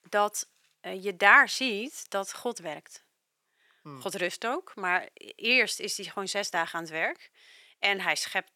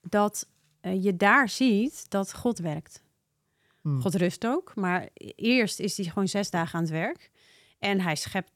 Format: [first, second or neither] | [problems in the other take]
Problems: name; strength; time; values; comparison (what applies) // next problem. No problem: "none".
second | thin; very; fading below 500 Hz